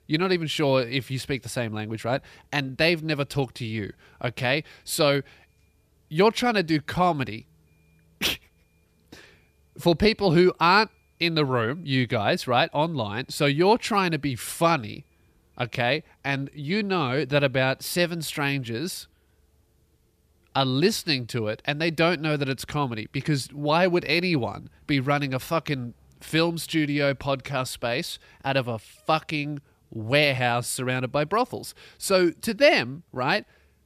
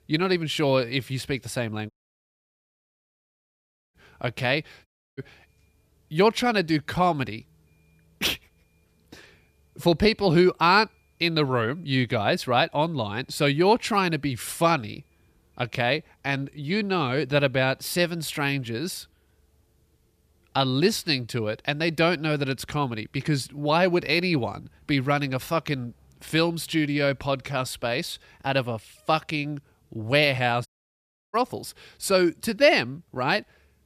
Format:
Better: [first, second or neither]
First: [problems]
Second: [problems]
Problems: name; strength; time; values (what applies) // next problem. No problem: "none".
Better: first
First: none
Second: audio cutting out; at 2 s for 2 s, at 5 s and at 31 s for 0.5 s